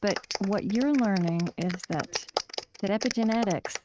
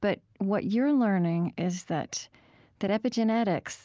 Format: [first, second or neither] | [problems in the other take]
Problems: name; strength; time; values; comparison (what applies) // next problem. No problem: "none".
second | noise reduction (neural mask model RNNoise)